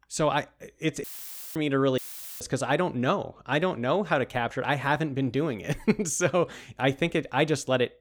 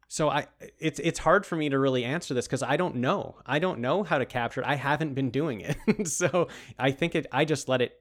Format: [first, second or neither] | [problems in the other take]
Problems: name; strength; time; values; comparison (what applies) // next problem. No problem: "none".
second | audio cutting out; filled with static; at 1 s for 0.5 s and at 2 s